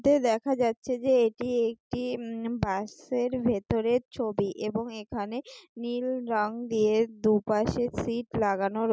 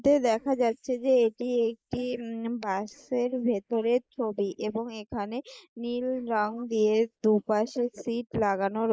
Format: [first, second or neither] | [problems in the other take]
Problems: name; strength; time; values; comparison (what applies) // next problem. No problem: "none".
first | noise reduction (neural mask model Resemble Enhance denoiser)